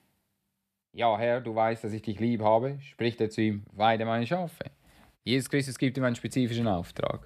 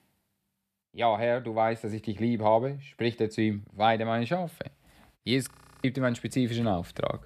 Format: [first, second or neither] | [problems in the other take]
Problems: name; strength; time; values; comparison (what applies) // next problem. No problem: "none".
first | audio freezing; at 5.5 s